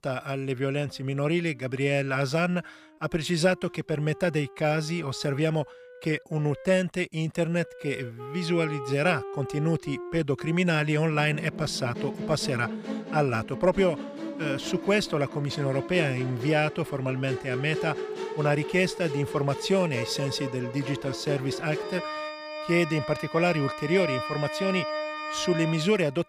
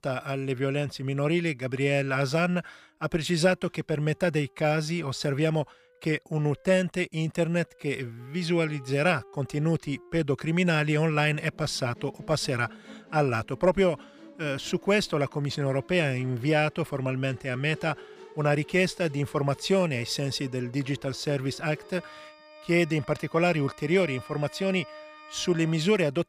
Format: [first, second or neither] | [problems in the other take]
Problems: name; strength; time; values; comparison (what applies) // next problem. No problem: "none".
second | background music; loud; throughout; 8 dB below the speech; faint in the second